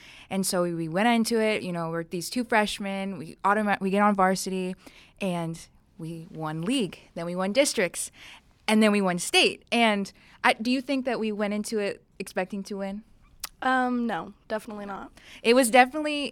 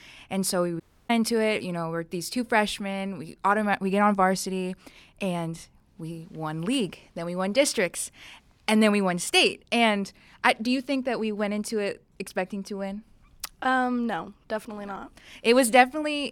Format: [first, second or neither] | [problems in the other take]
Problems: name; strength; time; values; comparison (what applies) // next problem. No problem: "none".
first | audio cutting out; at 1 s